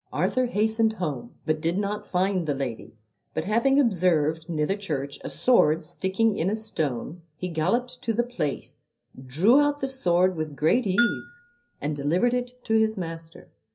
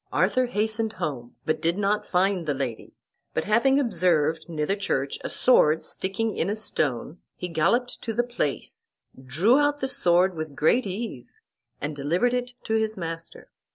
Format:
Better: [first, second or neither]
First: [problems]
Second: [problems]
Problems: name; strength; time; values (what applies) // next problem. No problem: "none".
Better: second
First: background sound (Bell); 10 dB below the speech // room echo; dies away in 0.4 s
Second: none